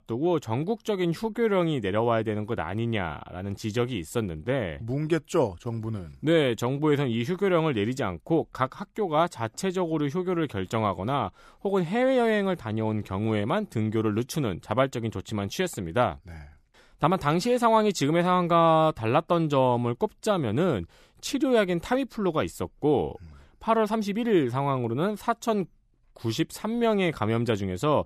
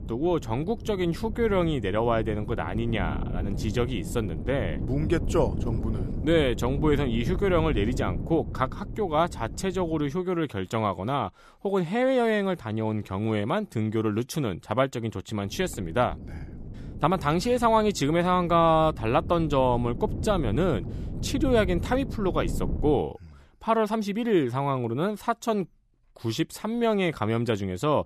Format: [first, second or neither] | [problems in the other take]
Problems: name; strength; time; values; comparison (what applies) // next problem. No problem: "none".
first | wind noise on the microphone; occasional gusts; until 10 s and from 15 to 23 s; 15 dB below the speech